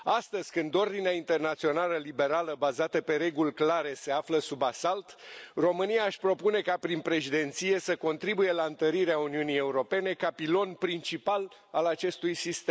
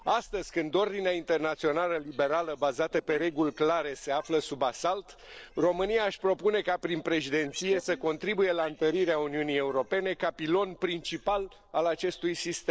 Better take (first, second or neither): first